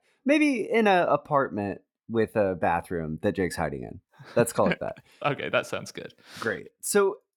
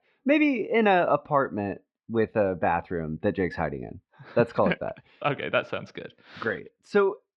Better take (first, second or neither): first